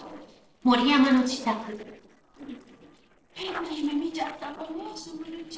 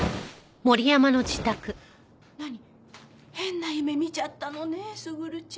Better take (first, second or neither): second